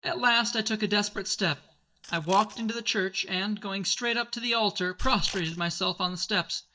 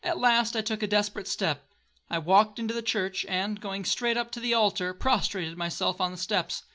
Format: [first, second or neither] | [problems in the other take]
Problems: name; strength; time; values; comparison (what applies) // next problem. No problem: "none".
second | noise reduction (neural mask model DeepFilterNet 3)